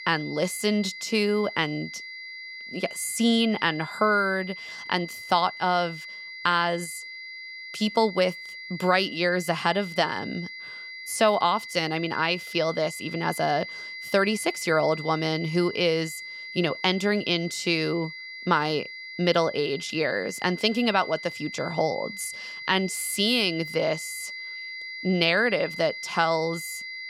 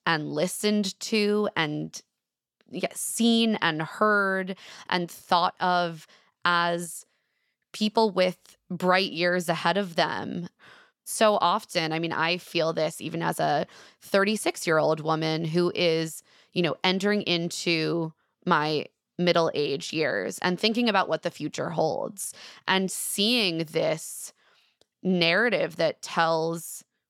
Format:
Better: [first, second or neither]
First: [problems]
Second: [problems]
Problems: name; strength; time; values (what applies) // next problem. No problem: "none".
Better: second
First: high-pitched whine; noticeable; throughout; 2 kHz, 10 dB below the speech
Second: none